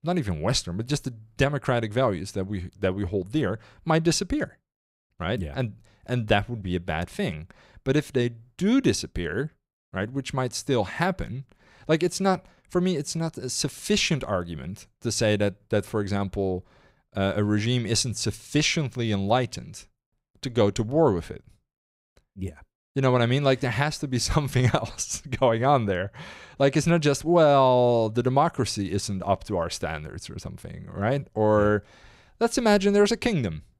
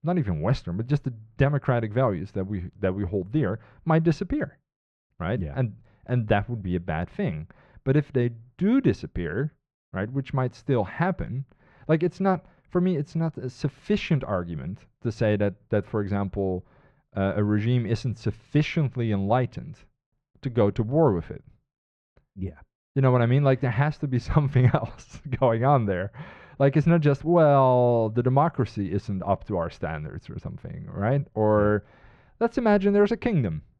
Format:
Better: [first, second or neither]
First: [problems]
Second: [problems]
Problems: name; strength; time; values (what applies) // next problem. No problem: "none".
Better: first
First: none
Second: muffled; very; fading above 2 kHz